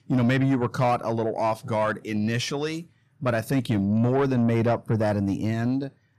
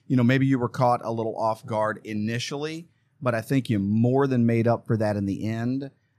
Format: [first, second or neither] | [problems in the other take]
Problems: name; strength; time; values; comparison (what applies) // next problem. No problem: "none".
second | distortion; slight; 10 dB below the speech